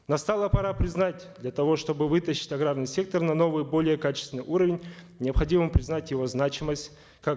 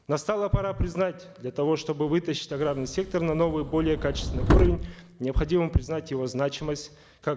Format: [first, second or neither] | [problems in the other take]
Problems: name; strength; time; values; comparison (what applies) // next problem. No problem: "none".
first | background sound (Subway, metro, underground); as loud as the speech